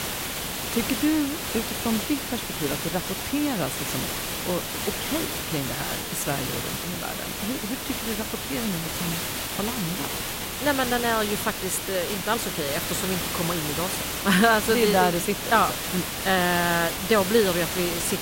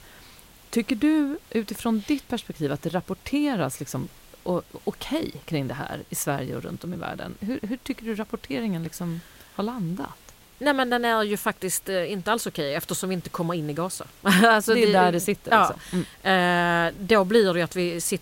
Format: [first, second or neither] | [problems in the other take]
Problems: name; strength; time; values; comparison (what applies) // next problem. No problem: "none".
second | hiss; loud; throughout; 2 dB below the speech; faint in the second